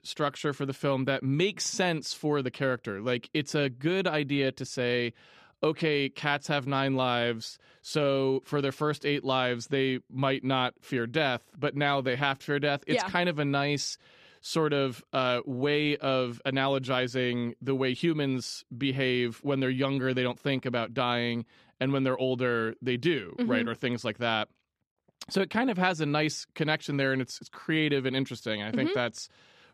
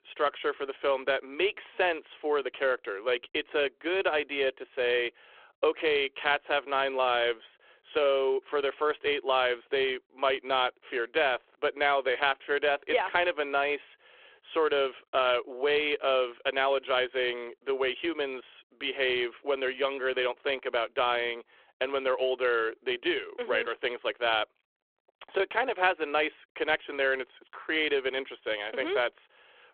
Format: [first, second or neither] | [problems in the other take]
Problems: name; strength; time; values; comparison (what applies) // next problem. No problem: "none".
first | phone-call audio